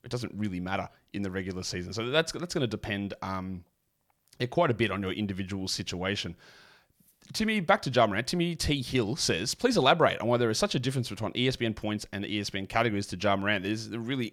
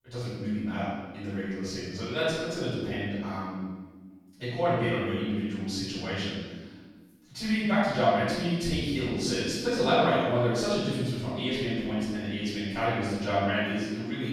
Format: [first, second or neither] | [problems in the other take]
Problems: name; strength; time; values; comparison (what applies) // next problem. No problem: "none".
first | off-mic speech; far // room echo; strong; dies away in 1.4 s